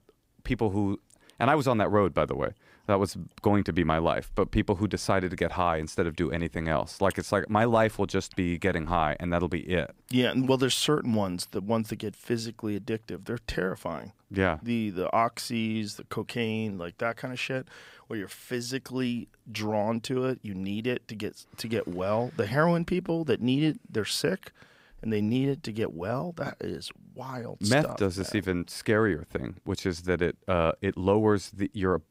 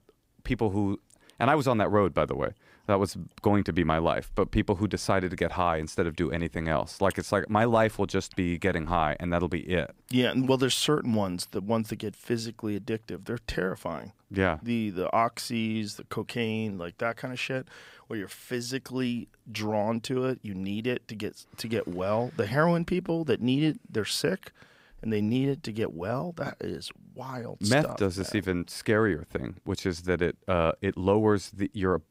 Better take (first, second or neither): neither